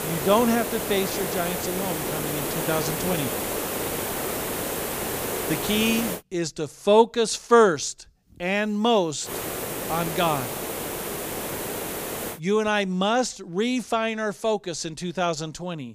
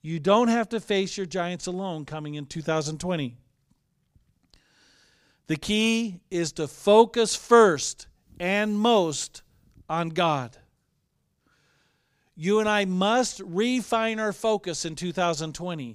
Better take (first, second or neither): second